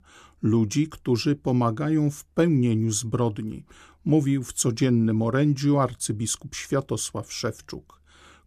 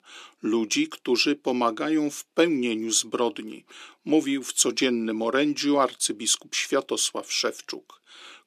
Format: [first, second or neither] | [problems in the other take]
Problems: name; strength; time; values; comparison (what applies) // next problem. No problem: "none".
first | thin; somewhat; fading below 300 Hz